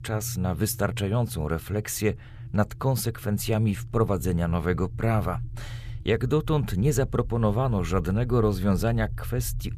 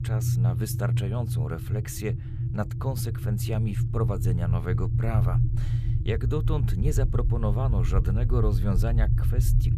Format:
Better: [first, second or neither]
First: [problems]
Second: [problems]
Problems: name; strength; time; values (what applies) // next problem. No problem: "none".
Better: first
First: low rumble; faint; throughout; 20 dB below the speech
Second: low rumble; loud; throughout; 4 dB below the speech